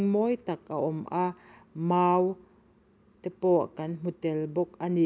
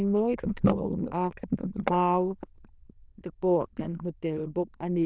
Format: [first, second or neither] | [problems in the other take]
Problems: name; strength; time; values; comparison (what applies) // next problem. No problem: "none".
first | noise reduction (neural diffusion model UNIVERSE++)